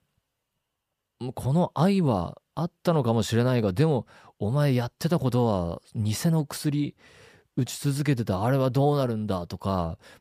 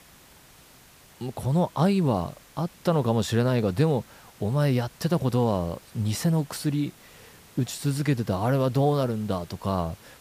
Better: first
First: none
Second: hiss; faint; throughout; 25 dB below the speech

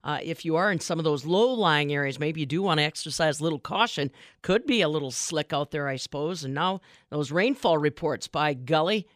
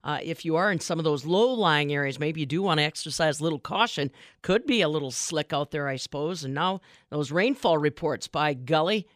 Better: neither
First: none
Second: none

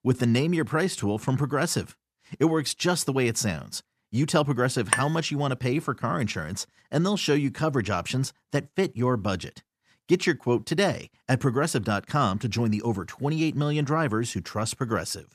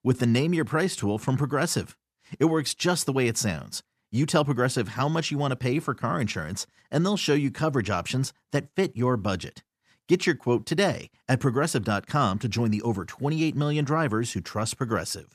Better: second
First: clattering dishes; loud; at 5 s; peak level with the speech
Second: none

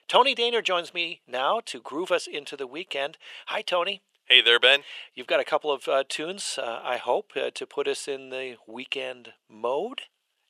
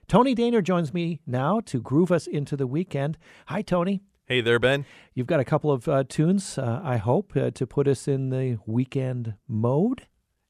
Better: second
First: thin; very; fading below 500 Hz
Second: none

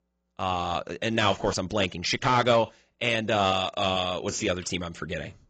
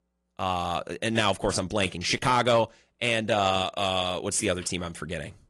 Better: second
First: garbled, watery; badly; nothing above 7.5 kHz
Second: garbled, watery; slightly

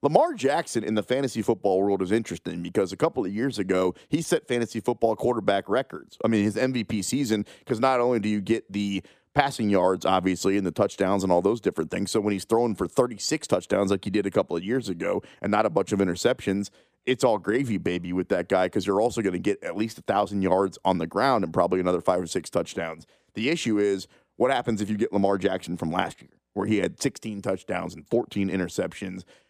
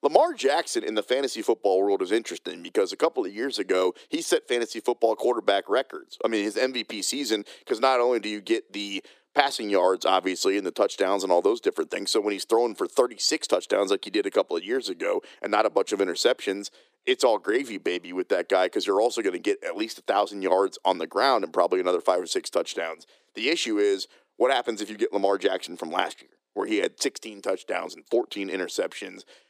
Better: first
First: none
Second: thin; somewhat; fading below 350 Hz

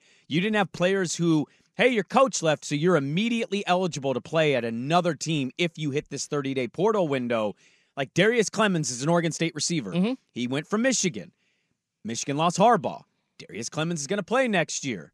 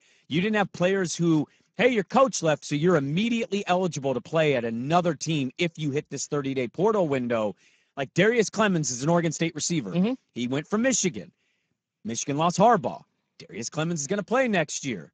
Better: first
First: none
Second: garbled, watery; badly; nothing above 7.5 kHz

